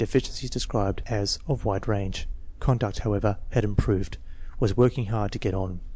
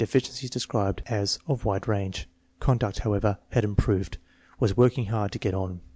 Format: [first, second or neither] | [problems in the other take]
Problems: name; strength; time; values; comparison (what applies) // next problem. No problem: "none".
second | background sound (Bark); 8 dB below the speech